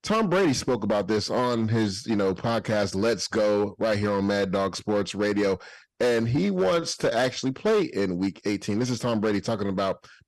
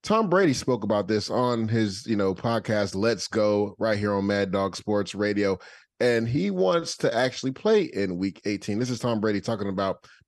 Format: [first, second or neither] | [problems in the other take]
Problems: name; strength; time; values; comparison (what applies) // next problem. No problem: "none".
second | distortion; slight; 10% of the sound clipped